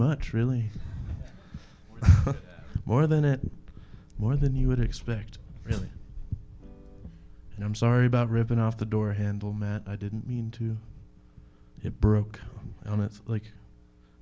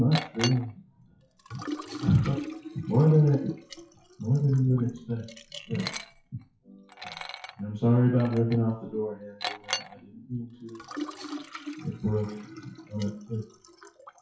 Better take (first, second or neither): first